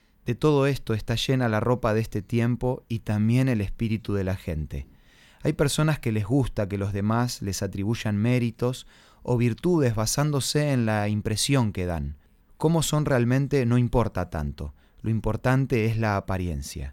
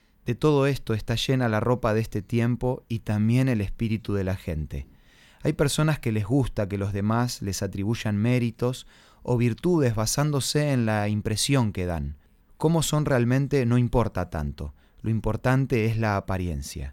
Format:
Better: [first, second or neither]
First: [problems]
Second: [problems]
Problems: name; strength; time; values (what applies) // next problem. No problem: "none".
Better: neither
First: none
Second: none